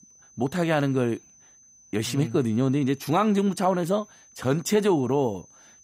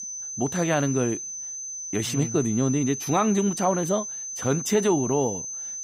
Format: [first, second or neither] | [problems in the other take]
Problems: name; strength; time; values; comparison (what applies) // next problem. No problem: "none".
first | high-pitched whine; loud; throughout; 6 kHz, 6 dB below the speech; faint in the first